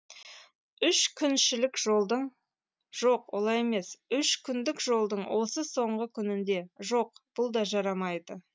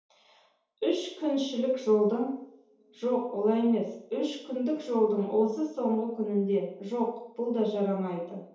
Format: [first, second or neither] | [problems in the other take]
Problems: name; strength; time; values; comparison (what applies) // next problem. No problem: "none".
first | room echo; dies away in 0.8 s